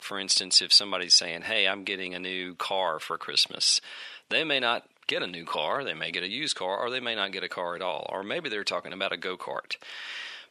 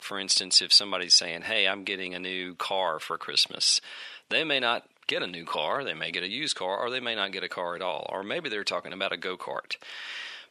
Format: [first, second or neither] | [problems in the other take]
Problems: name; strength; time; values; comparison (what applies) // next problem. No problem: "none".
neither | thin; very; fading below 700 Hz; the same in both